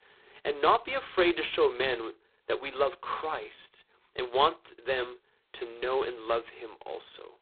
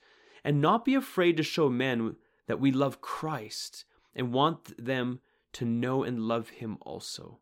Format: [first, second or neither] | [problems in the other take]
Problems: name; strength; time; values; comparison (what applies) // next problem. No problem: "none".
second | phone-call audio; poor line; nothing above 4 kHz